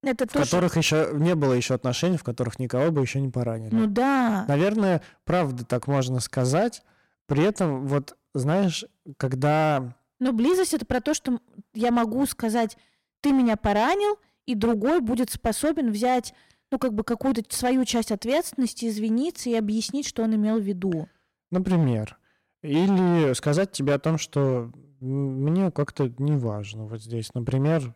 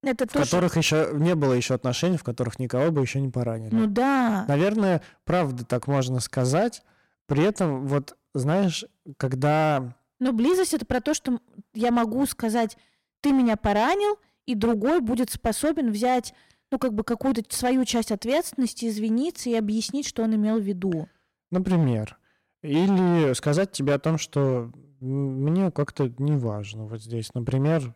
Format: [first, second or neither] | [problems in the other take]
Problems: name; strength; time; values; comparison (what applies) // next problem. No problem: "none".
neither | distortion; slight; 8% of the sound clipped; the same in both